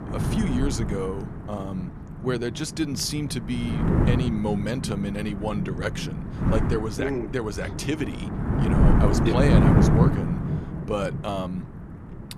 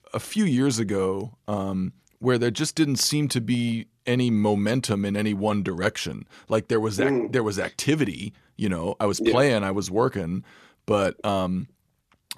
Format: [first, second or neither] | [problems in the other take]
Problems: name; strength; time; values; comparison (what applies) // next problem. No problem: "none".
second | wind noise on the microphone; heavy; 1 dB below the speech